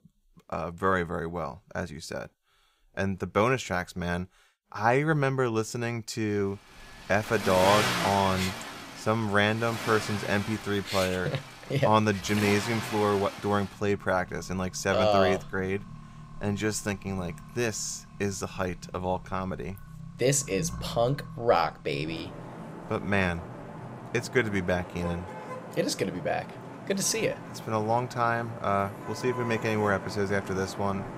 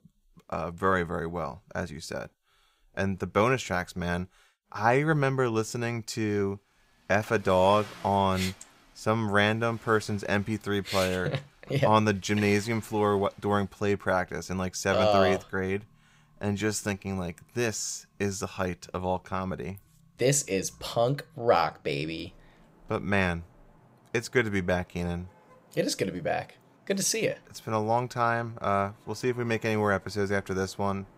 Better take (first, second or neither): second